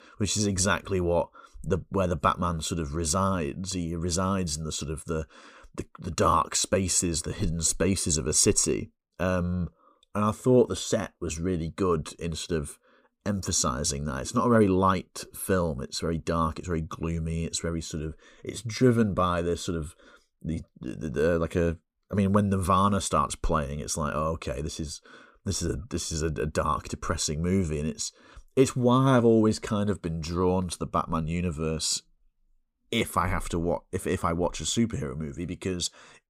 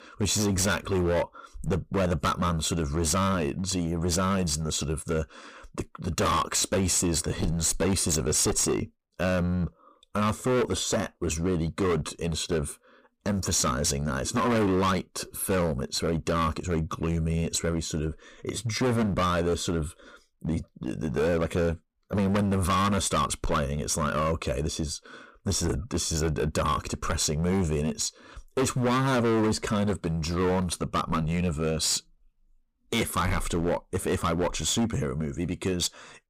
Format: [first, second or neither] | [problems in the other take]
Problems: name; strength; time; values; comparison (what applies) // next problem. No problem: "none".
first | distortion; heavy; 17% of the sound clipped